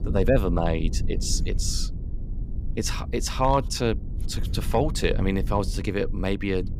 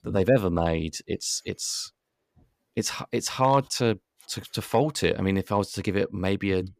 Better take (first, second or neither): second